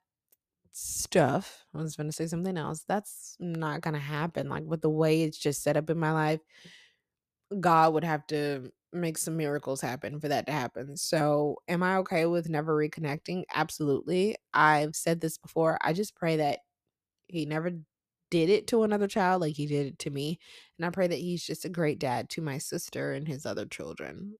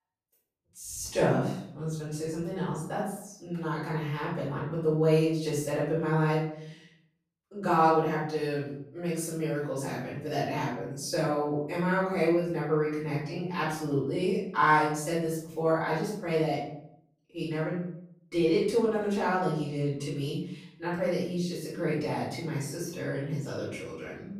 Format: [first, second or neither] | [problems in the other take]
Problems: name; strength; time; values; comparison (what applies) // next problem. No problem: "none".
first | off-mic speech; far // room echo; noticeable; dies away in 0.6 s